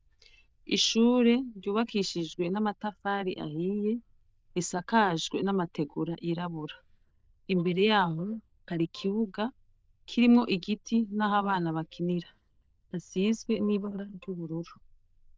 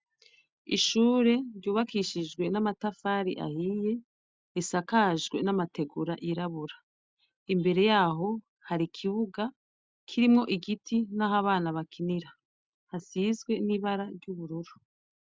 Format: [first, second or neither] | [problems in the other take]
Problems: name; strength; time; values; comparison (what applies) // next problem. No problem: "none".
second | noise reduction (neural diffusion model UNIVERSE++)